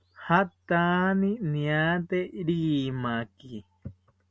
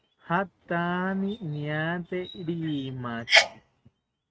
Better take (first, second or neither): first